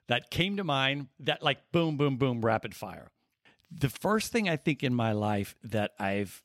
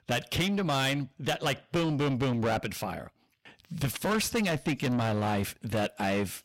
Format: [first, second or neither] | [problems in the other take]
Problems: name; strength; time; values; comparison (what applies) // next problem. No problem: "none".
first | distortion; heavy; 6 dB below the speech